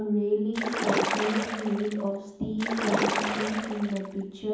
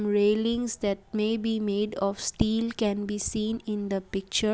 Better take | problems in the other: second | background sound (Splash, splatter); 1 dB below the speech // room echo; dies away in 1.2 s

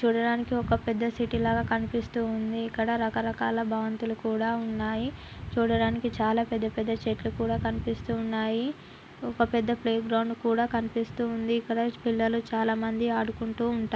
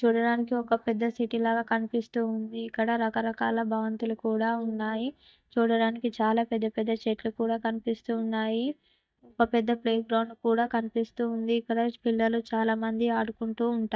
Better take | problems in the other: first | noise reduction (neural mask model DeepFilterNet 3)

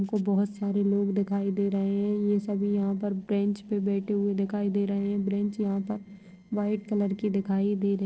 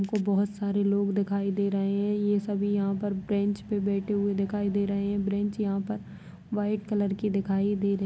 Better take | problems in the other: second | noise reduction (neural separator model SepFormer DNS4)

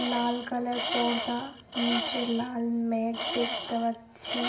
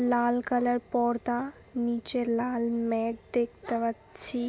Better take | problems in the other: second | background sound (Tools); 4 dB below the speech // room echo; dies away in 0.6 s

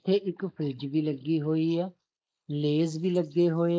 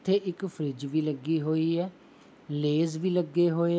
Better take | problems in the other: second | noise reduction (neural mask model Resemble Enhance denoiser)

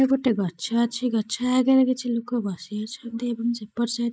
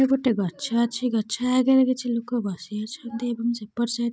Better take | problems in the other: second | noise reduction (neural mask model Resemble Enhance denoiser)

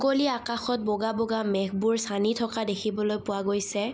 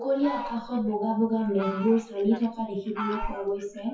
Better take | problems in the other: first | noise reduction (classical method WPE with log-MMSE)

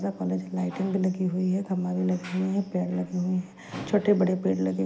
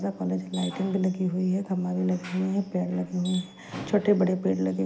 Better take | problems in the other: first | background sound (Tools); 18 dB below the speech

